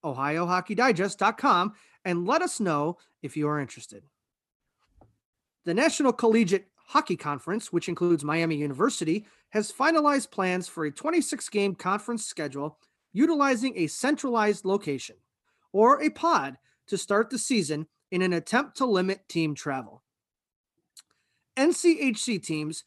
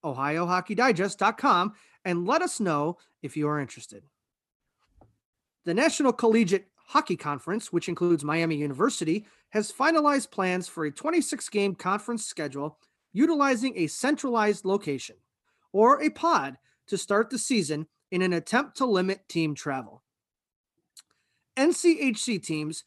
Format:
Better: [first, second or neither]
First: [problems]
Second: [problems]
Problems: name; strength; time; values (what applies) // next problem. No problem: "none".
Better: neither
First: none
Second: none